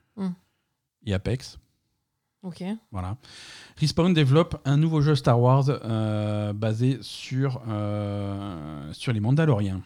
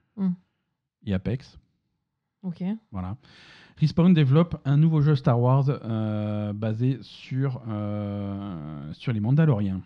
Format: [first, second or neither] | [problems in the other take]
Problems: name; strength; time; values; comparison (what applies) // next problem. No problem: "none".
first | muffled; very slightly; fading above 3.5 kHz